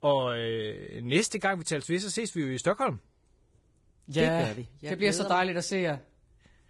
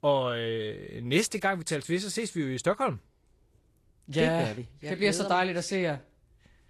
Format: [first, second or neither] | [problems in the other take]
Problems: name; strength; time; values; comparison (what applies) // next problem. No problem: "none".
second | garbled, watery; badly; slightly in the second